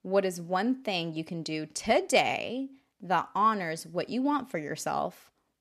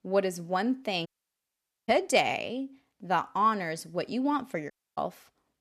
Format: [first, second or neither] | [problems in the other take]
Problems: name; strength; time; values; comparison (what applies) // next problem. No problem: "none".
first | audio cutting out; at 1 s for 1 s and at 4.5 s